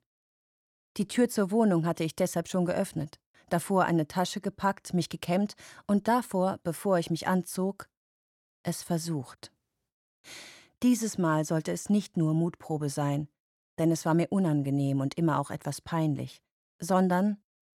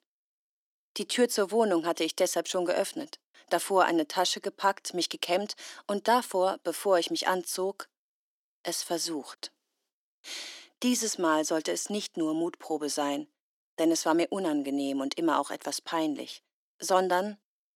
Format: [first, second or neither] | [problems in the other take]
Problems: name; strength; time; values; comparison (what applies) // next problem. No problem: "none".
first | thin; somewhat; fading below 300 Hz